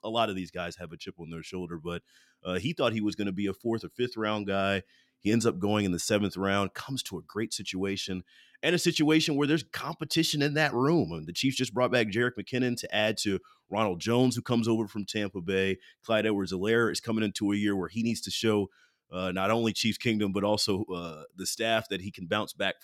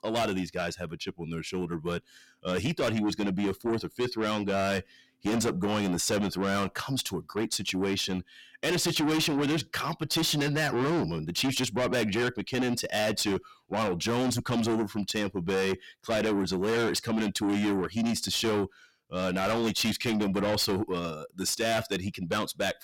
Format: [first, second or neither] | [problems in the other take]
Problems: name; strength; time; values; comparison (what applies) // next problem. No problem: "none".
first | distortion; heavy; 6 dB below the speech